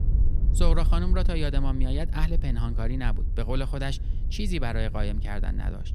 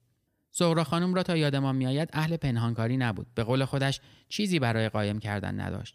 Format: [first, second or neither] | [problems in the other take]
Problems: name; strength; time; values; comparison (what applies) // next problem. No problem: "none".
second | wind noise on the microphone; occasional gusts; 15 dB below the speech